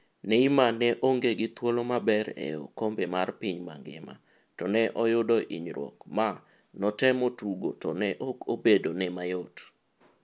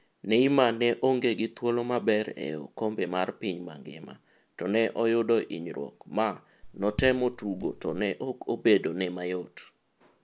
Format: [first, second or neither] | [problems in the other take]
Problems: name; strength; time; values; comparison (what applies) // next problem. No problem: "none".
first | background sound (Raindrop / Drip); 12 dB below the speech